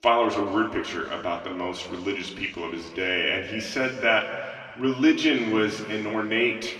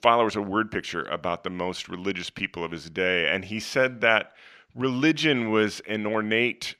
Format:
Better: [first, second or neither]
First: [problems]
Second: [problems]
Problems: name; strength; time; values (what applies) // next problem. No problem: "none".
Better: second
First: room echo; slight; dies away in 2.1 s // off-mic speech; far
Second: none